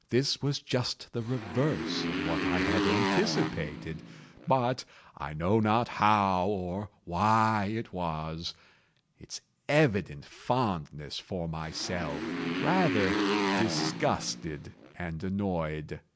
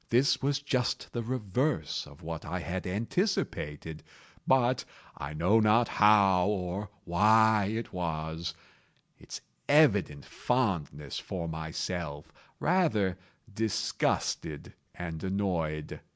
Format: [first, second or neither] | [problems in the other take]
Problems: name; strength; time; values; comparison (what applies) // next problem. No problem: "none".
second | background sound (Motorcycle); 2 dB below the speech